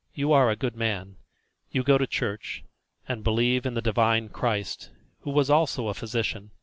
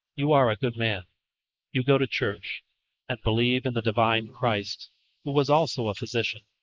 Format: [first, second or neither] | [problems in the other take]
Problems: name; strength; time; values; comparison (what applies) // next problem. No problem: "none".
first | noise reduction (neural mask model Resemble Enhance denoiser)